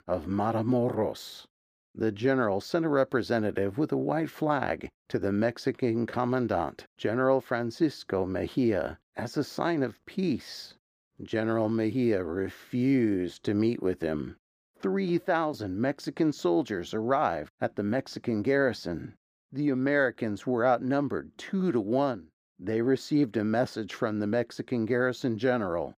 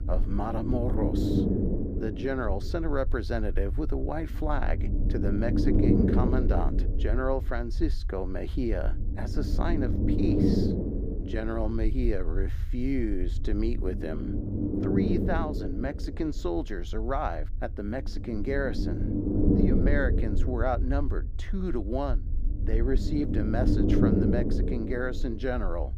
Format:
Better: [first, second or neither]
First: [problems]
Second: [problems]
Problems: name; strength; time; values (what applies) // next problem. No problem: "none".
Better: first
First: none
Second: low rumble; loud; throughout; as loud as the speech